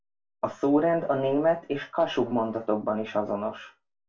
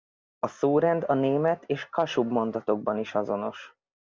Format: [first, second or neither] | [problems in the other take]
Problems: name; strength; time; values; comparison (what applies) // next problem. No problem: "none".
second | room echo; dies away in 0.2 s